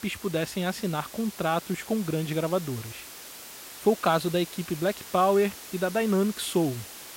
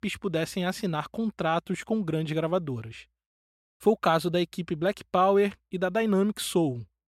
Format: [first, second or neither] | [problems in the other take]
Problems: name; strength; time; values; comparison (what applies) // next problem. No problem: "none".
second | hiss; noticeable; throughout; 15 dB below the speech